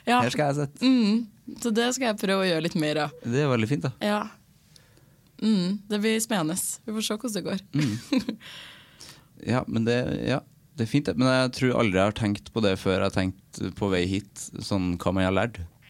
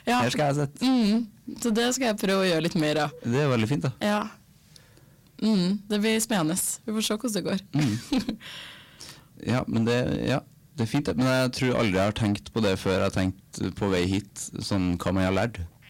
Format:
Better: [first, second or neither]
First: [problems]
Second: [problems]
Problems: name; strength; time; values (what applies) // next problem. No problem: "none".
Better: first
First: none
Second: distortion; slight; 12% of the sound clipped